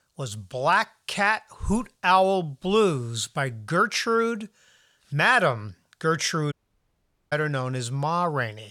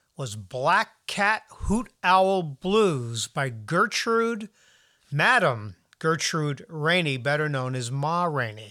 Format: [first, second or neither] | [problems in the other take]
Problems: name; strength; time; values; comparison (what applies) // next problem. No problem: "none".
second | audio cutting out; at 6.5 s for 1 s